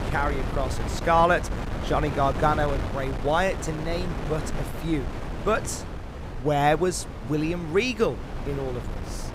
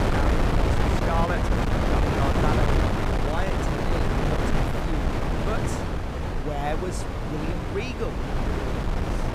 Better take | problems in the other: first | wind noise on the microphone; heavy; 4 dB above the speech; occasional gusts in the first

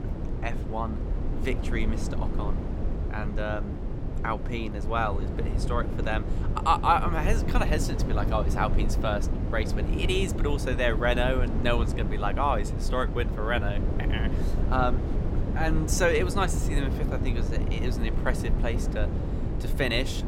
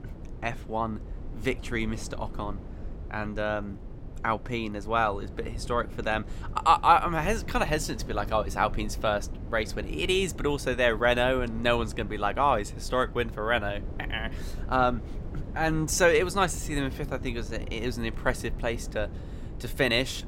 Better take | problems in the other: second | low rumble; loud; throughout; 9 dB below the speech; faint in the second

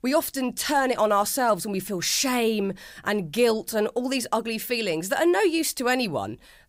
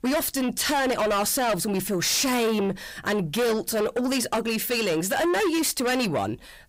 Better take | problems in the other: first | distortion; heavy; 7 dB below the speech

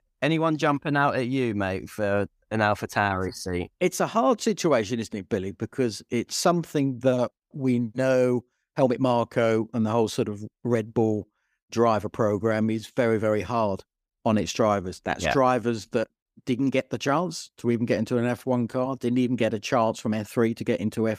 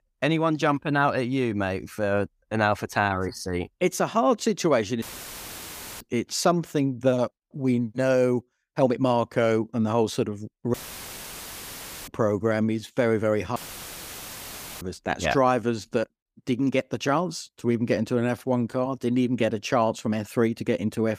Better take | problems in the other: first | audio cutting out; filled with static; at 5 s for 1 s, at 11 s for 1.5 s and at 14 s for 1.5 s

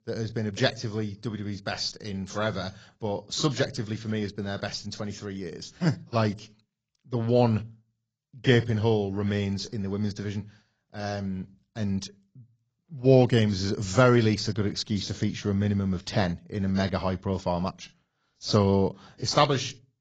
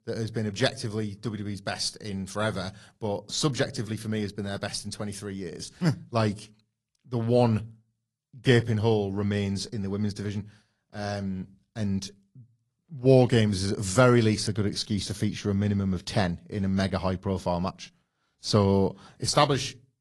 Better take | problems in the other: second | garbled, watery; badly; nothing above 7.5 kHz; slightly in the second

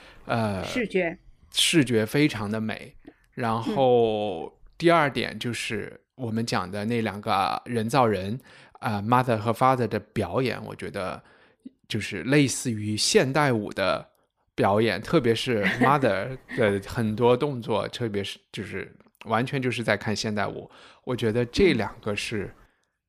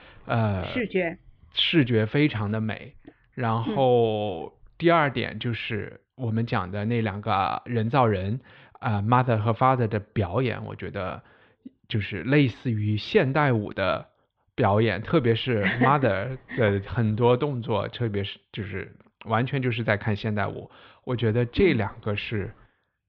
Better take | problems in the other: first | muffled; very; fading above 3.5 kHz

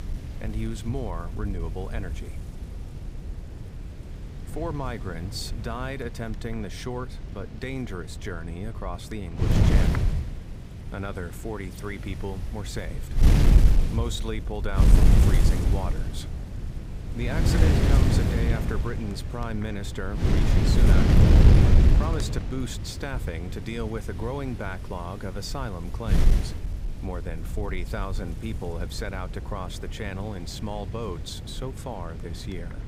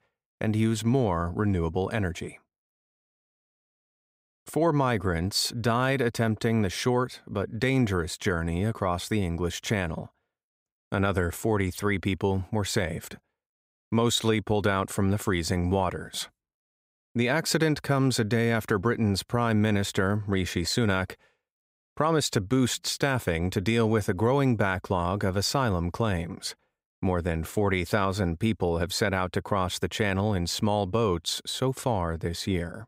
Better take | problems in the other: second | wind noise on the microphone; heavy; 1 dB above the speech

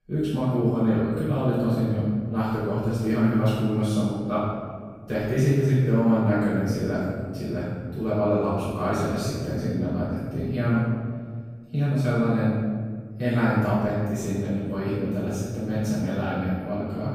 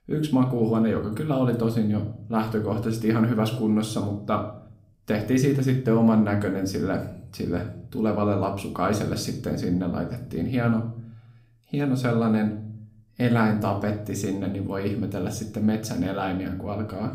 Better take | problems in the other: second | room echo; strong; dies away in 1.6 s; slight in the second // off-mic speech; far; somewhat distant in the second

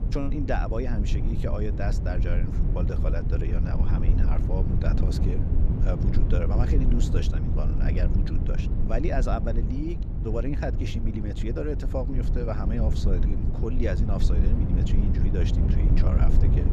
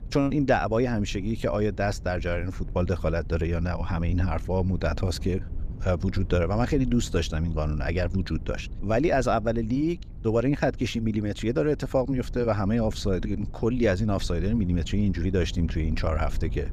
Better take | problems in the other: second | low rumble; loud; throughout; 4 dB below the speech; faint in the second

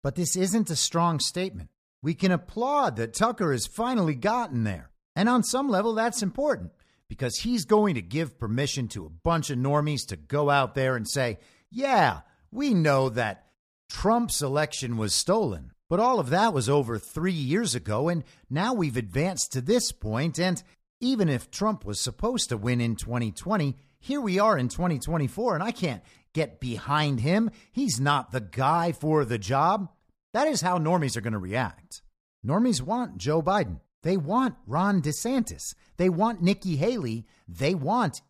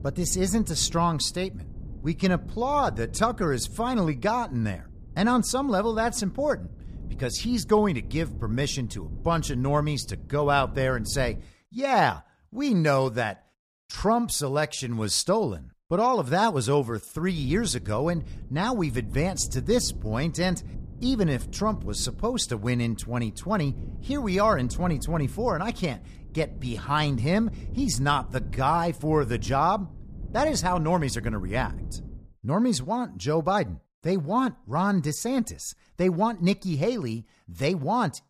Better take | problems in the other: first | wind noise on the microphone; occasional gusts; until 11 s and from 17 to 32 s; 25 dB below the speech

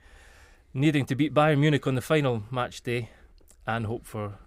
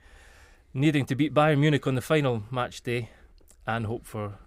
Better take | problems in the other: neither | none

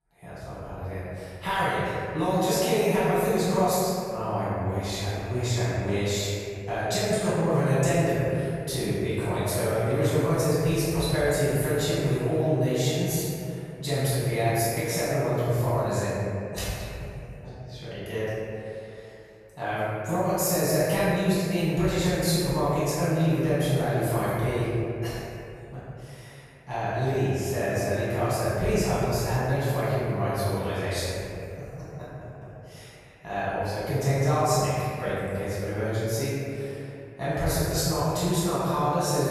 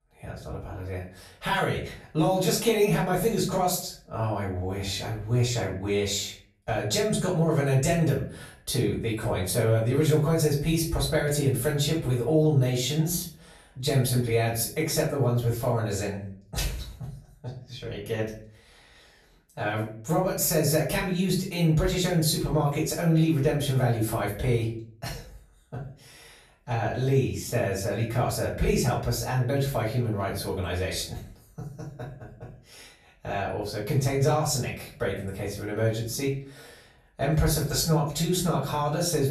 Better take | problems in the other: second | room echo; strong; dies away in 2.5 s; slight in the second // off-mic speech; far; far in the second

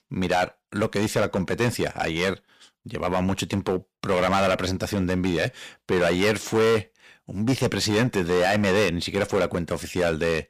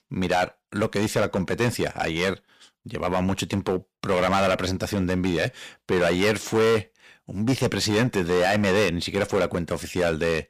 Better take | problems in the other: neither | distortion; heavy; 9% of the sound clipped; the same in both

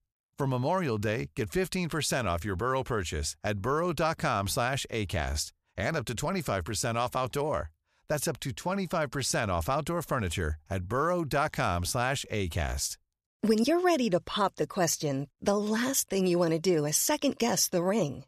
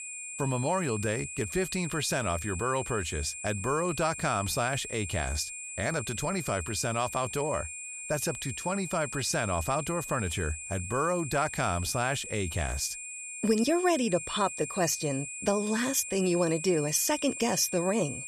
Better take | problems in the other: first | high-pitched whine; loud; throughout; 2.5 kHz, 7 dB below the speech

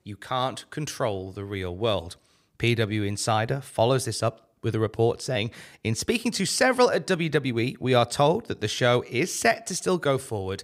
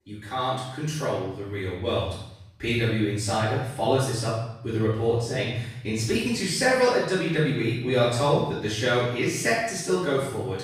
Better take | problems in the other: first | off-mic speech; far // room echo; strong; dies away in 0.8 s

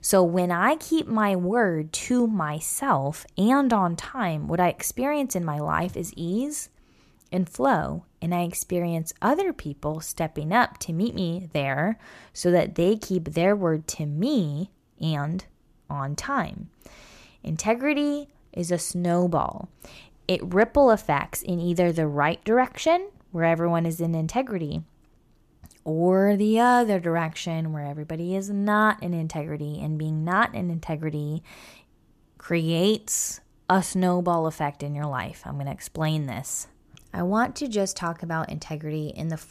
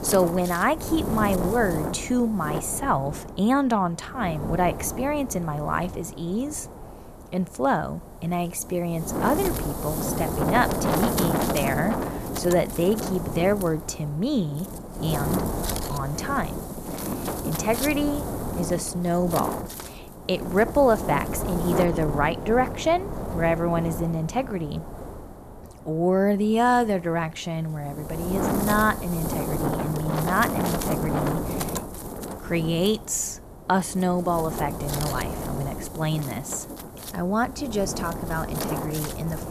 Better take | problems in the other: first | wind noise on the microphone; heavy; 6 dB below the speech

